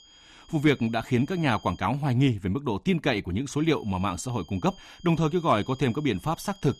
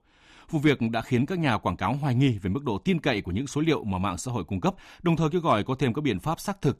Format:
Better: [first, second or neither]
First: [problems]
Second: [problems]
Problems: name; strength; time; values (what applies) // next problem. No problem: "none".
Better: second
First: high-pitched whine; faint; until 2 s and from 3.5 s on; 3 kHz, 25 dB below the speech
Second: none